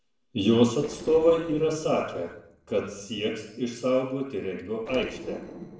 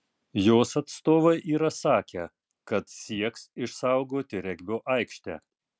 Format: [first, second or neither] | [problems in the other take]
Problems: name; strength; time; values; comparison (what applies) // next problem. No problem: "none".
second | noise reduction (neural separator model SepFormer DNS4)